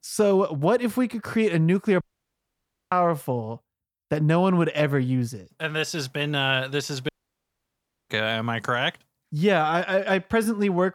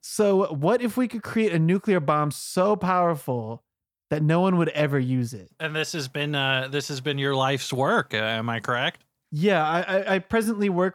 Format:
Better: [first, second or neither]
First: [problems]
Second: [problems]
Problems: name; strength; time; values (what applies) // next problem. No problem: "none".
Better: second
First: audio cutting out; at 2 s for 1 s and at 7 s for 1 s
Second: none